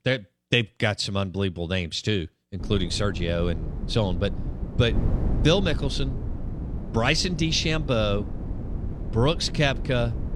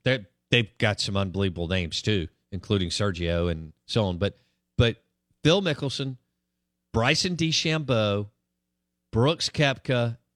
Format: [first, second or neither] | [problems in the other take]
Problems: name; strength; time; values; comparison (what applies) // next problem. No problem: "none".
second | wind noise on the microphone; occasional gusts; from 2.5 s on; 15 dB below the speech